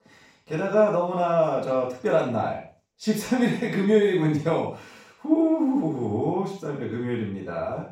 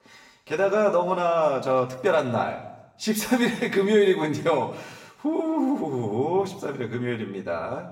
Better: second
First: room echo; strong; dies away in 0.4 s // off-mic speech; far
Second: room echo; slight; dies away in 0.9 s // off-mic speech; far

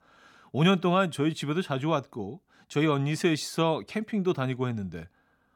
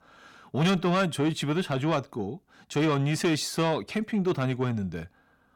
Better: first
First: none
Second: distortion; slight; 10 dB below the speech

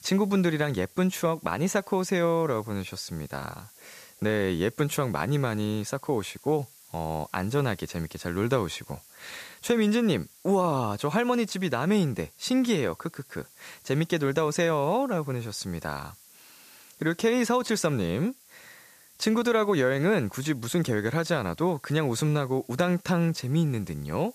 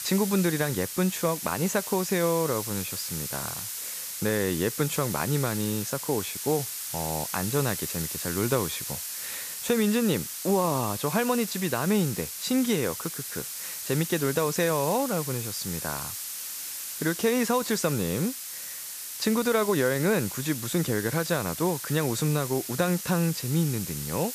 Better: first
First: hiss; faint; throughout; 25 dB below the speech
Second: hiss; loud; throughout; 5 dB below the speech

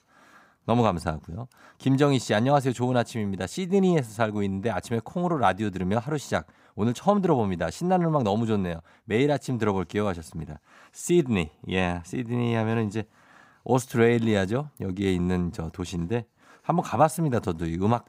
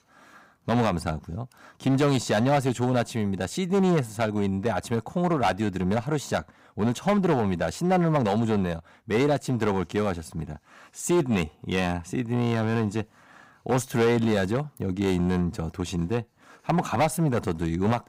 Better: first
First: none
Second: distortion; slight; 7% of the sound clipped

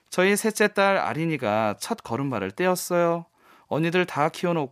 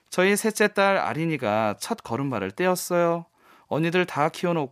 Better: neither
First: none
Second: none

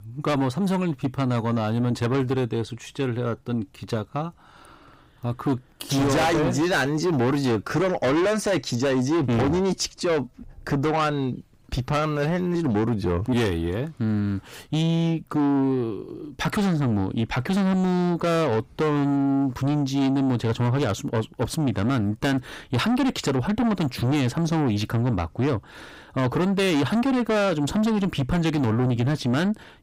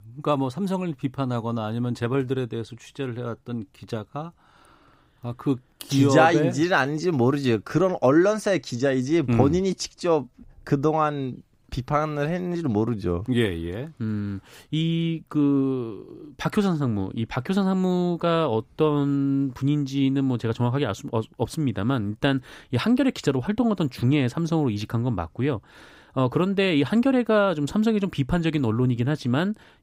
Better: second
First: distortion; heavy; 7 dB below the speech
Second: none

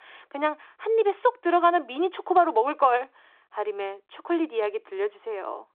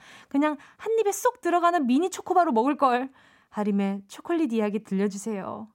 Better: second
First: phone-call audio; nothing above 3.5 kHz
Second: none

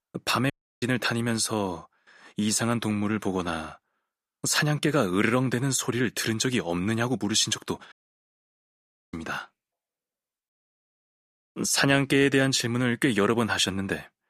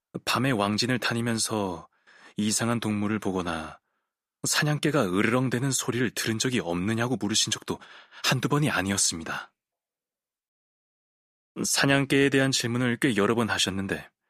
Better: second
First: audio cutting out; at 0.5 s and at 8 s for 1 s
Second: none

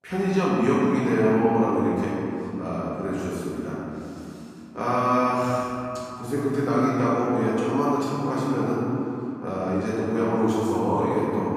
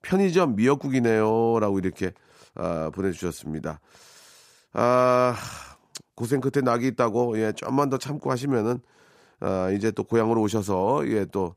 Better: second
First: room echo; strong; dies away in 2.9 s // off-mic speech; far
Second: none

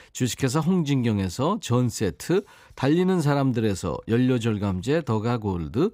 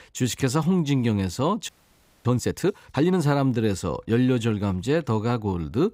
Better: first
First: none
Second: audio freezing; at 1.5 s for 0.5 s

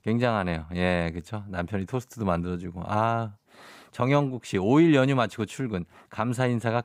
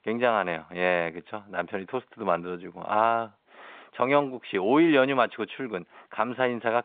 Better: first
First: none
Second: phone-call audio; nothing above 3.5 kHz

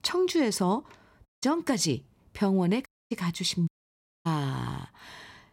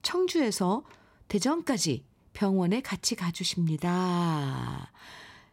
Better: second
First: audio cutting out; at 1.5 s, at 3 s and at 3.5 s for 0.5 s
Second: none

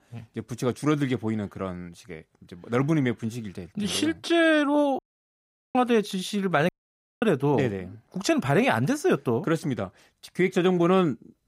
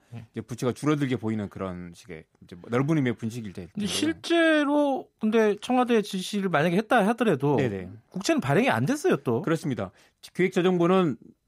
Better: second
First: audio cutting out; at 5 s for 1 s and at 6.5 s for 0.5 s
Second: none

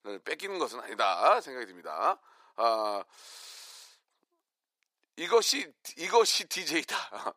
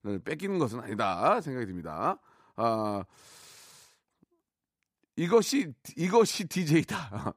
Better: second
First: thin; very; fading below 500 Hz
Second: none

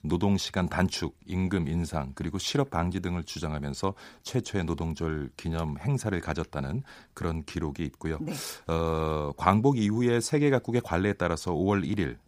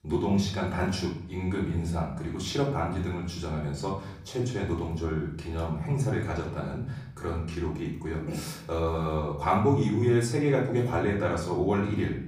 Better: first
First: none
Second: off-mic speech; far // room echo; noticeable; dies away in 0.7 s

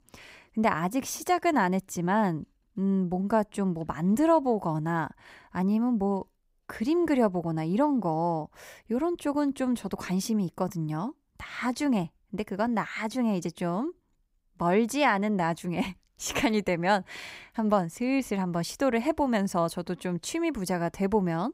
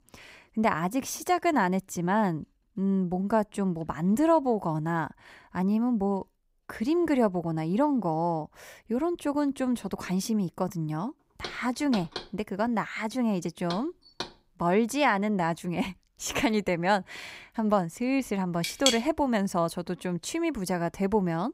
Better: first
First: none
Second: door banging; noticeable; from 11 to 14 s; peak 10 dB below the speech // clattering dishes; loud; at 19 s; peak 2 dB above the speech

